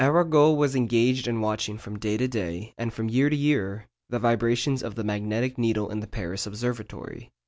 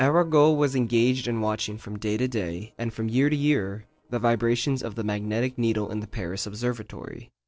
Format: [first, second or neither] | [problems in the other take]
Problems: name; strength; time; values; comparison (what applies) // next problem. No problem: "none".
first | noise reduction (neural separator model SepFormer DNS4)